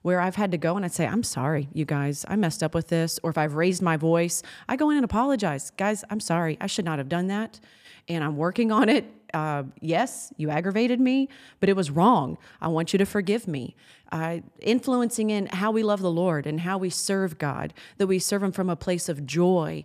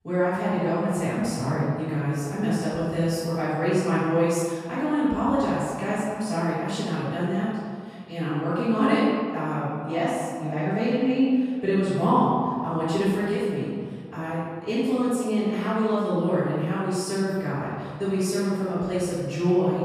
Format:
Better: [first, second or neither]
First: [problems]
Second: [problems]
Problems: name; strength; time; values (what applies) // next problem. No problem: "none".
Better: first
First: none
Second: off-mic speech; far // room echo; strong; dies away in 1.9 s